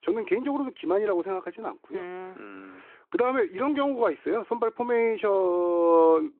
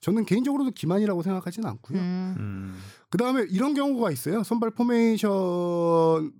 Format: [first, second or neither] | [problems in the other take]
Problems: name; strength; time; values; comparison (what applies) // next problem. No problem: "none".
second | phone-call audio